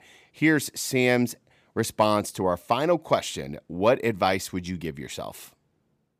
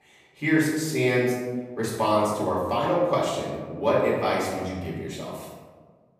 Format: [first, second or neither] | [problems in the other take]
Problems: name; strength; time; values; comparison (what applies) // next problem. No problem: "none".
first | room echo; noticeable; dies away in 1.3 s // off-mic speech; far